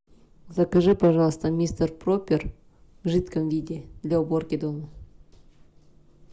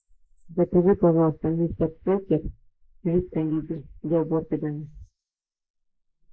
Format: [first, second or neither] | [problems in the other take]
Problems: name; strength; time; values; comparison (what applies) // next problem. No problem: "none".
first | noise reduction (neural mask model Resemble Enhance denoiser)